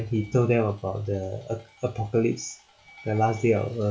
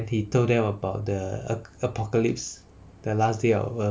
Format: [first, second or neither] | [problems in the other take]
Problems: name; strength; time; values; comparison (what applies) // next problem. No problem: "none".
second | noise reduction (classical method log-MMSE)